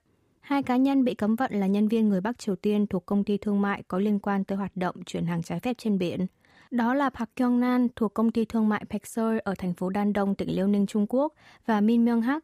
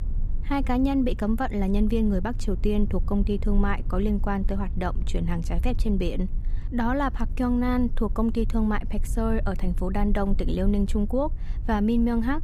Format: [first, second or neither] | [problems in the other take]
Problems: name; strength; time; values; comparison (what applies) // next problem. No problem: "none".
first | low rumble; faint; throughout; 20 dB below the speech